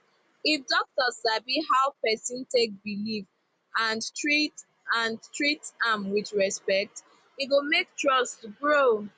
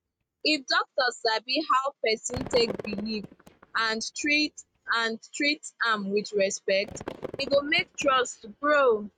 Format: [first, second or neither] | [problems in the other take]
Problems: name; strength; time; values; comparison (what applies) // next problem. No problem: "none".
first | noise reduction (neural mask model RNNoise)